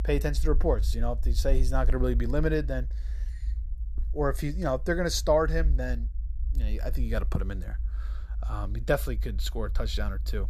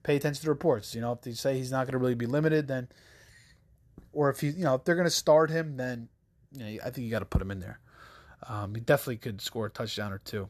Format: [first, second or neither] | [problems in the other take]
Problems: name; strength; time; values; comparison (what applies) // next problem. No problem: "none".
second | low rumble; faint; throughout; 25 dB below the speech